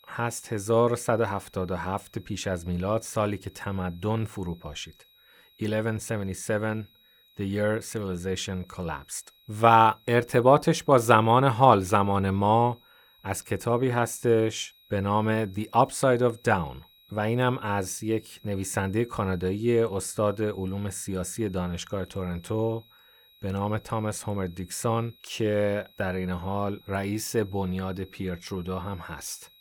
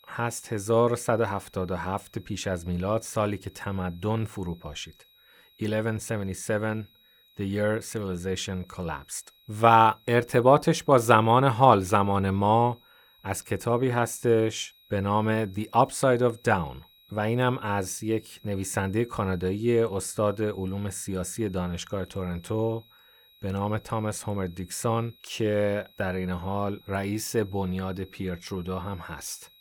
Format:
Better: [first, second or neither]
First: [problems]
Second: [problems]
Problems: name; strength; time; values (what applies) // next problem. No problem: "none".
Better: neither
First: high-pitched whine; faint; throughout; 4 kHz, 30 dB below the speech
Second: high-pitched whine; faint; throughout; 4 kHz, 30 dB below the speech